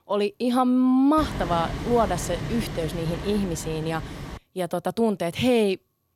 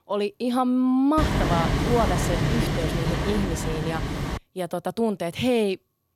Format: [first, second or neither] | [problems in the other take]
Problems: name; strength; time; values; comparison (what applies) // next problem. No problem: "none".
first | wind noise on the microphone; heavy; from 1 to 4.5 s; 2 dB below the speech; occasional gusts in the first